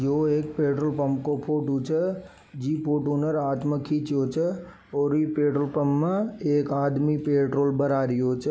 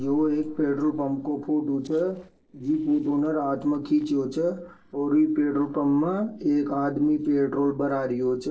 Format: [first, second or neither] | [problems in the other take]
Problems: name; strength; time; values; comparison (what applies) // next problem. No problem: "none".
first | noise reduction (neural separator model SepFormer DNS4)